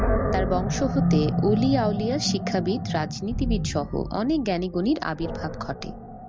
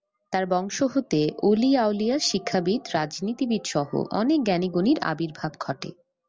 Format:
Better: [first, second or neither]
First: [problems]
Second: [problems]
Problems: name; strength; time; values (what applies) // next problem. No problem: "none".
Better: second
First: background sound (Animal); 1 dB below the speech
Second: none